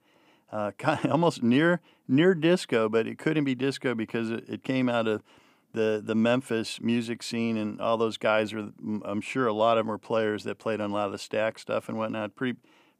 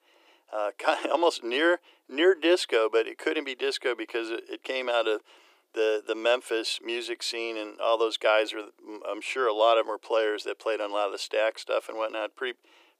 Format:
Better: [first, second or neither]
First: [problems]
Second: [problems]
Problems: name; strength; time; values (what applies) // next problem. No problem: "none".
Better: first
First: none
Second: thin; very; fading below 350 Hz